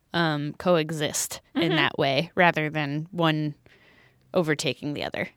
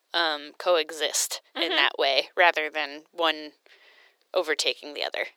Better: first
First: none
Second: thin; very; fading below 400 Hz

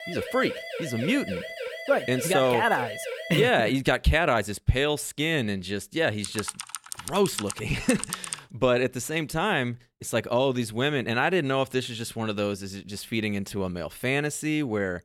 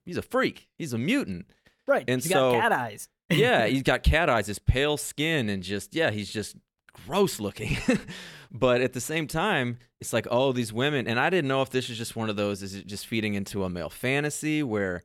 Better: second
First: siren; noticeable; until 3.5 s; peak 8 dB below the speech // keyboard typing; noticeable; from 6 to 8.5 s; peak 6 dB below the speech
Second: none

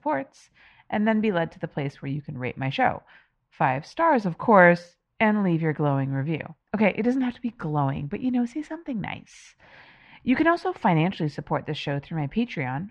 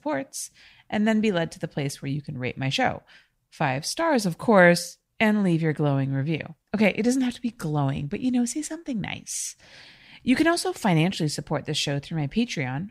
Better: second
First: muffled; very; fading above 2 kHz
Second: none

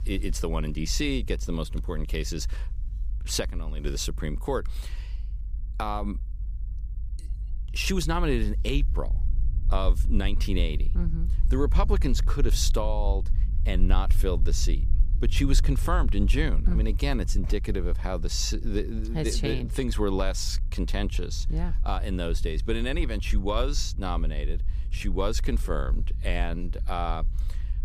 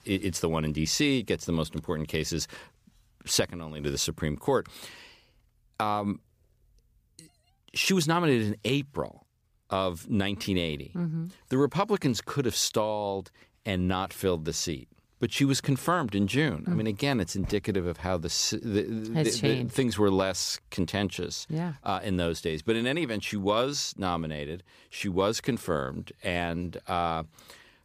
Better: second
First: low rumble; noticeable; throughout; 20 dB below the speech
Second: none

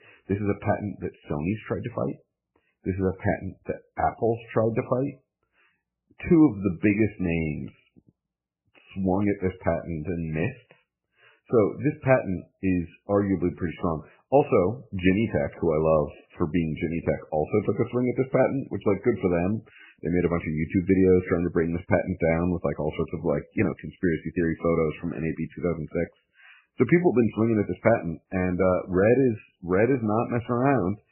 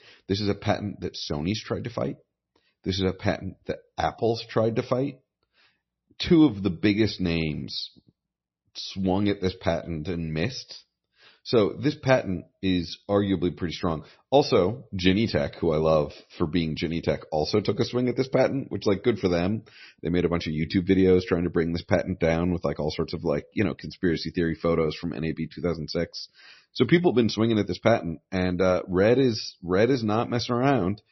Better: second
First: garbled, watery; badly; nothing above 2.5 kHz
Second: garbled, watery; slightly; nothing above 6 kHz

